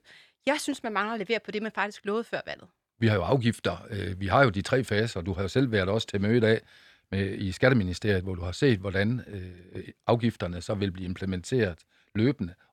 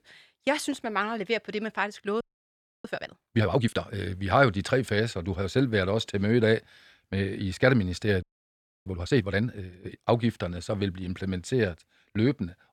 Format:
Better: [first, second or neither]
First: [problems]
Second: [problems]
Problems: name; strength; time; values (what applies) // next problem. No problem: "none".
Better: first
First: none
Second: audio freezing; at 2 s for 0.5 s and at 8 s for 0.5 s